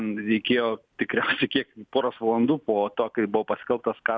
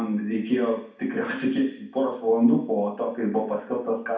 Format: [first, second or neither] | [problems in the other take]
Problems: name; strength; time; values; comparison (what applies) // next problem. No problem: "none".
first | room echo; dies away in 0.6 s